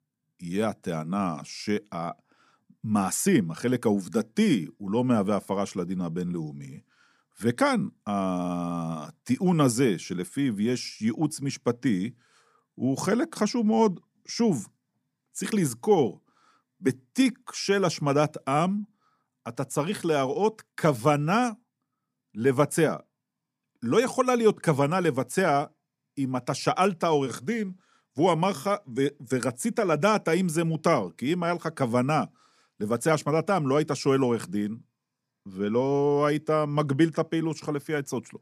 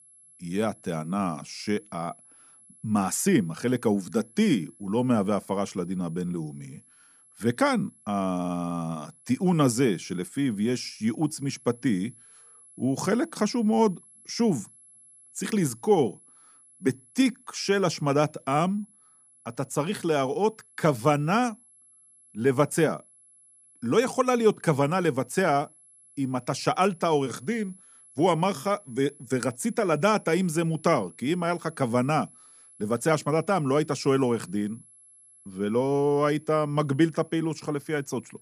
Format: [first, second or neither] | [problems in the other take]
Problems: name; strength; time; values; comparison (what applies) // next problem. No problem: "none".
first | high-pitched whine; faint; throughout; 11 kHz, 25 dB below the speech